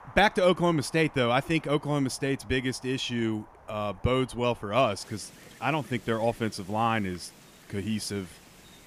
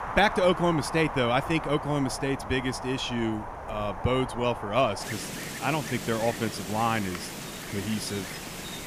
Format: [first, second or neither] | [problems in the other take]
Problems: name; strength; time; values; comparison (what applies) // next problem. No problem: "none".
first | wind in the background; loud; throughout; 8 dB below the speech; faint in the first